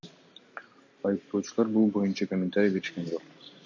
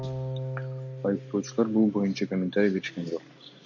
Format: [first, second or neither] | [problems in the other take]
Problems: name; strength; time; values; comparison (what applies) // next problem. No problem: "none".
first | background sound (Bowed string instrument); 10 dB below the speech